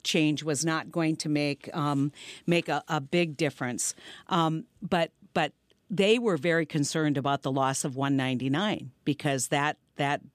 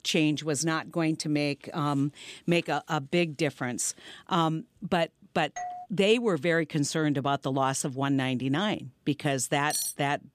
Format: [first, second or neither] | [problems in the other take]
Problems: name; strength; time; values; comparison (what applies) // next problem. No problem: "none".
first | doorbell; noticeable; at 5.5 s; peak 9 dB below the speech // clattering dishes; noticeable; at 9.5 s; peak 2 dB below the speech